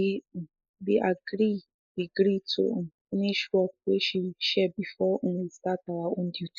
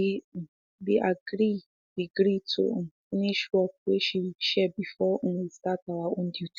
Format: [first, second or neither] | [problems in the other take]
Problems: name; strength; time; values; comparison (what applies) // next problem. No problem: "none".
second | noise reduction (neural mask model Resemble Enhance denoiser)